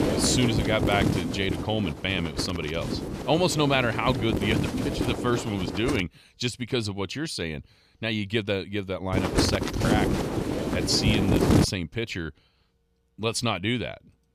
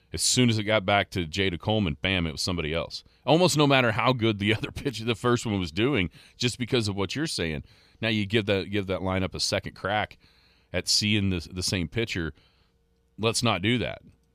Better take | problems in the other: second | wind noise on the microphone; heavy; until 6 s and from 9 to 12 s; 3 dB below the speech

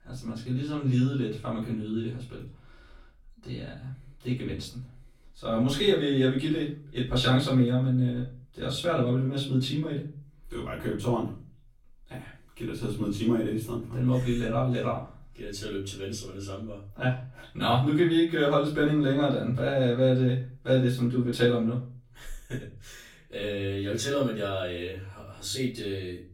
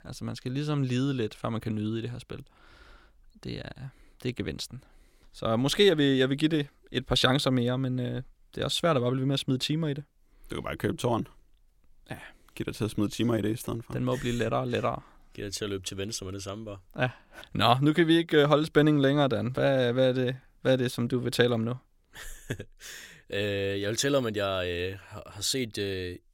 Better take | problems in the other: second | off-mic speech; far // room echo; slight; dies away in 0.4 s

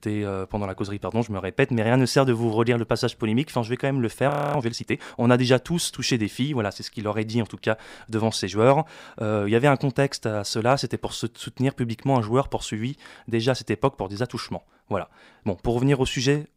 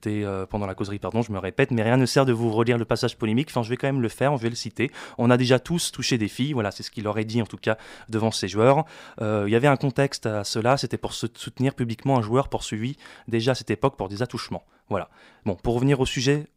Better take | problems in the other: second | audio freezing; at 4.5 s

